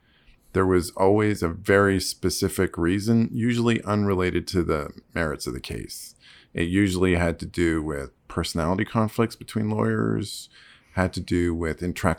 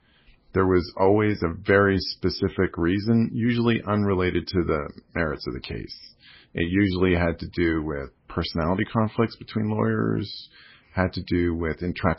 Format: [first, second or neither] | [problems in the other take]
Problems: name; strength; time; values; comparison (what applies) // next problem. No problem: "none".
first | garbled, watery; badly; nothing above 5.5 kHz